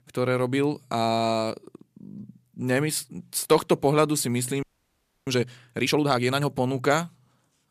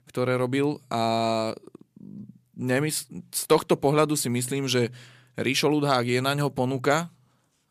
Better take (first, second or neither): second